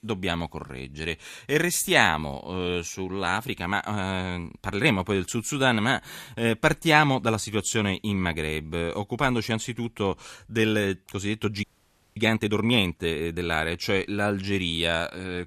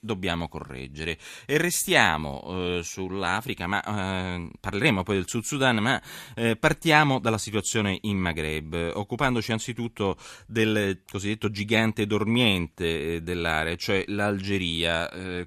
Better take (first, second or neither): second